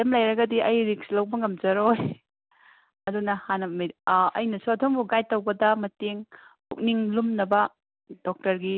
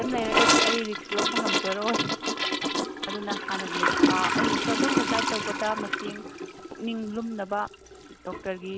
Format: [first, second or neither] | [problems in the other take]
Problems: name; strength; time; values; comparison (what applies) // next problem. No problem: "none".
first | background sound (Toilet flush / Gurgling); 5 dB above the speech